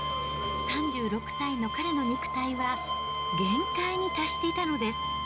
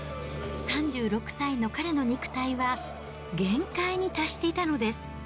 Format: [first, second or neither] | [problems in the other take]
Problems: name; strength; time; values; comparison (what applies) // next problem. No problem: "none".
second | background sound (Bowed string instrument); 1 dB below the speech